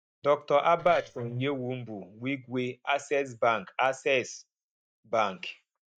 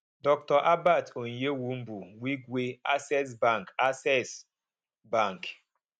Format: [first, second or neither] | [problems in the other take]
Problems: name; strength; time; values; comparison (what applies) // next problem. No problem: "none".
second | noise reduction (neural mask model DeepFilterNet 3)